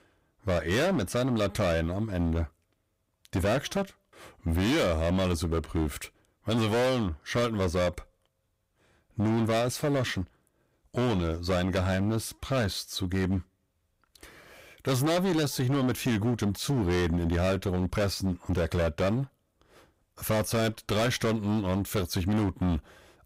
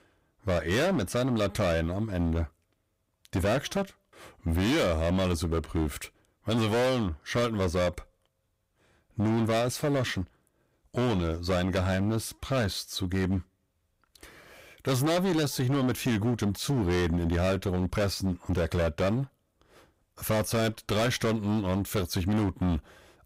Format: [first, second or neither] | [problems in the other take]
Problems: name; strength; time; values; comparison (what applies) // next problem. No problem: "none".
neither | distortion; heavy; 16% of the sound clipped; the same in both